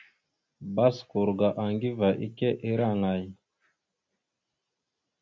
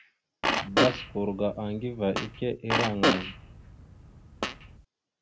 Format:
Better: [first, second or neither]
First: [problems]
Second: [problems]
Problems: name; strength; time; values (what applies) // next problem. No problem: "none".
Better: first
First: none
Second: background sound (Fart); 2 dB above the speech